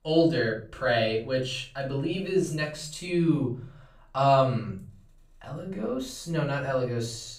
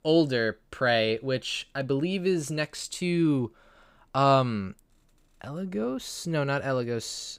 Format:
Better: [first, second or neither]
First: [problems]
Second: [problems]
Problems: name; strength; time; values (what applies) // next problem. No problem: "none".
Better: second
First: off-mic speech; far // room echo; slight; dies away in 0.4 s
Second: none